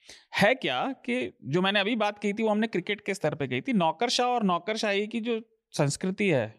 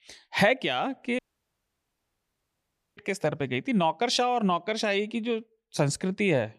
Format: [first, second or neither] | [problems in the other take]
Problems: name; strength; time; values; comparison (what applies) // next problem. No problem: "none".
first | audio cutting out; at 1 s for 2 s